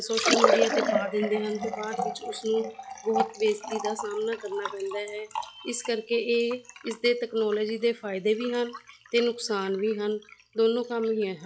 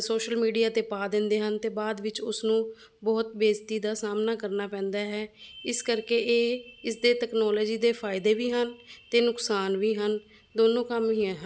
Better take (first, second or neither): second